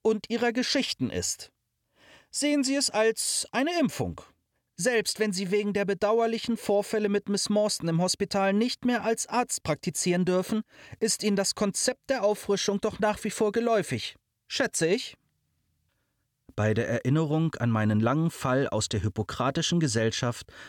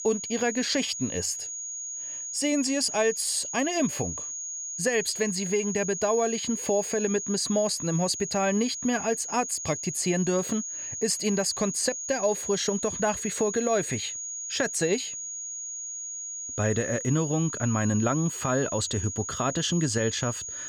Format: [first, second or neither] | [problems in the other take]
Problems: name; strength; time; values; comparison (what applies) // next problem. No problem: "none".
first | high-pitched whine; loud; throughout; 6.5 kHz, 5 dB below the speech